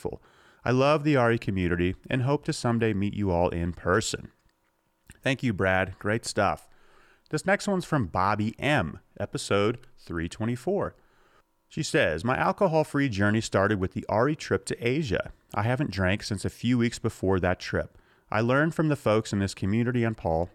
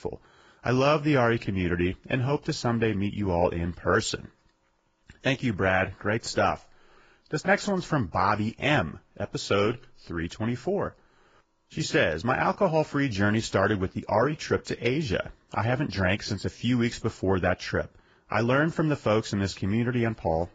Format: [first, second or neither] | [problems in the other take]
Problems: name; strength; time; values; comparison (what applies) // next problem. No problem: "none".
first | garbled, watery; badly; nothing above 7.5 kHz